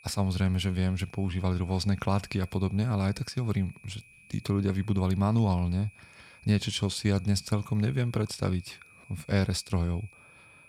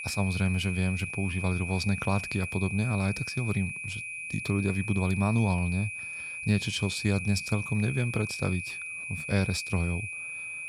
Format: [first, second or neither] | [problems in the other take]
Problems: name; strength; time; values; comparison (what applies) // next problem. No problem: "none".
first | high-pitched whine; loud; throughout; 2.5 kHz, 5 dB below the speech; faint in the first